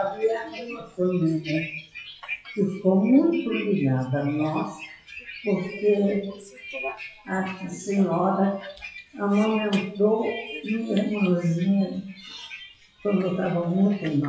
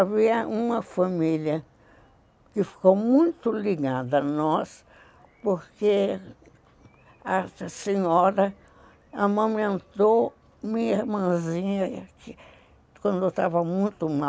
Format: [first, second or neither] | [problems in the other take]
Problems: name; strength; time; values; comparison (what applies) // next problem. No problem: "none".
second | noise reduction (classical method WPE with log-MMSE)